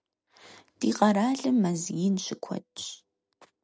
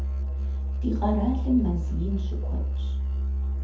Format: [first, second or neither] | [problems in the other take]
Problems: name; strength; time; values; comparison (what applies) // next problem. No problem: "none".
first | background sound (Musical instrument); 3 dB above the speech // room echo; dies away in 0.5 s